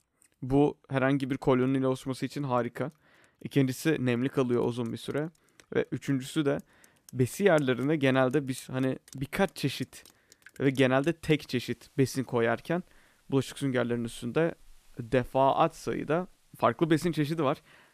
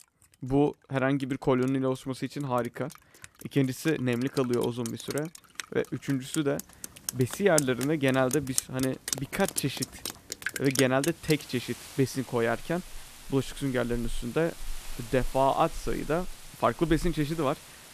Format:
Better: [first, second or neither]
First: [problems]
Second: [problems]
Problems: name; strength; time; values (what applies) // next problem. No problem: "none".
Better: first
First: rain or running water; faint; throughout; 30 dB below the speech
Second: rain or running water; loud; throughout; 9 dB below the speech